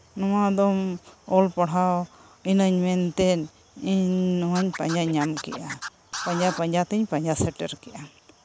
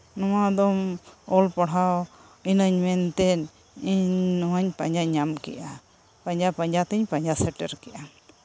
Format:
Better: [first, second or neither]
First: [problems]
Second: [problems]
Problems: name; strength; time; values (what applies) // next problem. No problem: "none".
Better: second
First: background sound (Scratching (performance technique)); 12 dB below the speech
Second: none